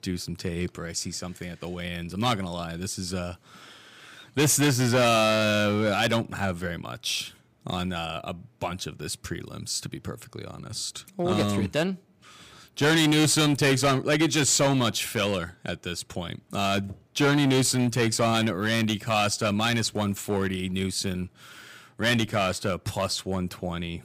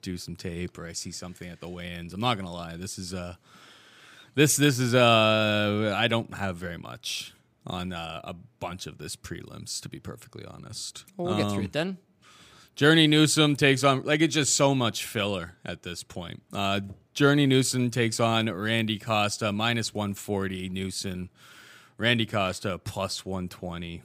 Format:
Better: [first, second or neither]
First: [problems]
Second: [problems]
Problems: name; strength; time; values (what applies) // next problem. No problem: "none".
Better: second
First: distortion; heavy; 7% of the sound clipped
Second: none